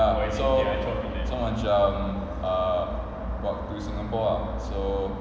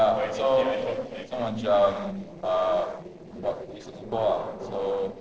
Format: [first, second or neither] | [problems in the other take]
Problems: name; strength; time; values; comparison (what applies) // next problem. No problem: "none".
first | noise reduction (neural separator model SepFormer DNS4)